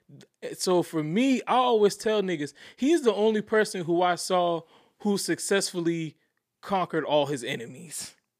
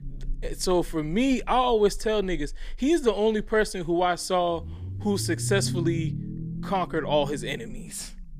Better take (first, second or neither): first